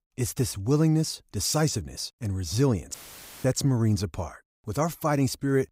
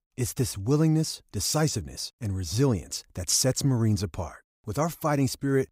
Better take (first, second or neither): second